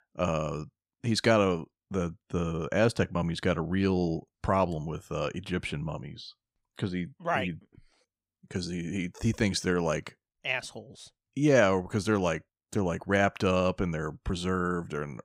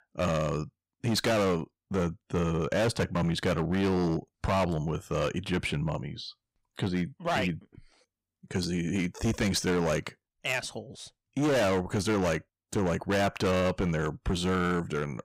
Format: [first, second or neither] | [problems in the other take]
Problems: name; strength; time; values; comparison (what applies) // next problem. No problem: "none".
first | distortion; heavy; 15% of the sound clipped